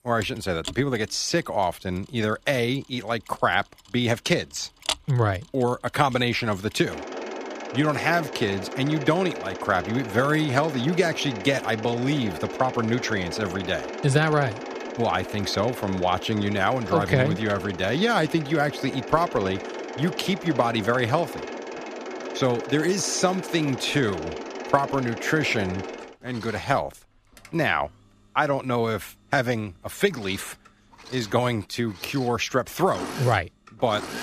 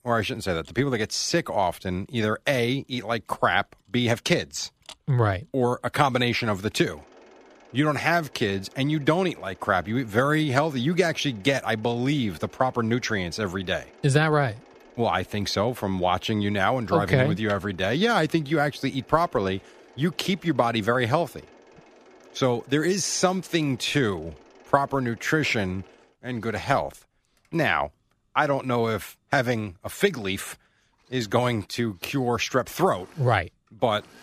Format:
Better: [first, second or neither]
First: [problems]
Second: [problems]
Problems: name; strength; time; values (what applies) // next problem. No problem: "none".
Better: second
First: machinery noise; loud; throughout; 10 dB below the speech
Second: machinery noise; faint; throughout; 25 dB below the speech